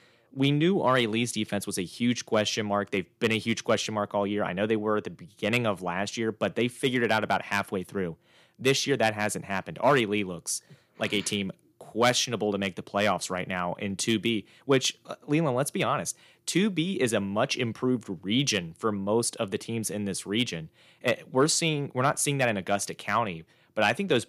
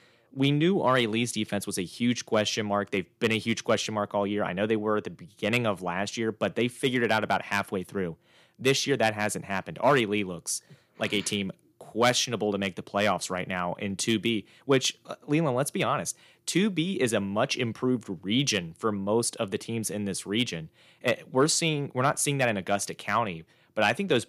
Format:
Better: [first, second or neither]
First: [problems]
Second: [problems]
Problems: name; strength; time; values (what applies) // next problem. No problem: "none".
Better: neither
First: none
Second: none